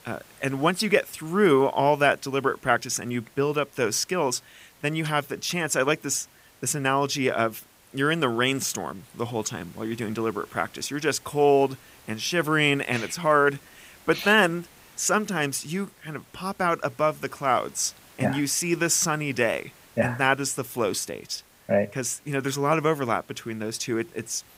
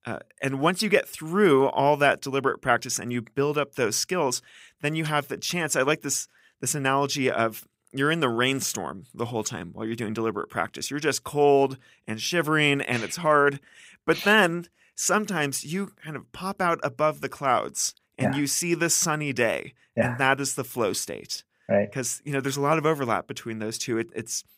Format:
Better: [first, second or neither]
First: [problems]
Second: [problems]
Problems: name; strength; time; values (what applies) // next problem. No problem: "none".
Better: second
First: hiss; faint; throughout; 25 dB below the speech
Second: none